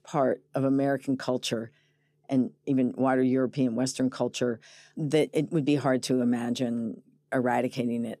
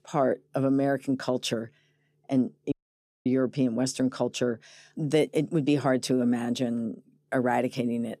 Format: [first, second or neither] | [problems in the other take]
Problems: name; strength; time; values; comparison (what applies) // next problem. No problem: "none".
first | audio cutting out; at 2.5 s for 0.5 s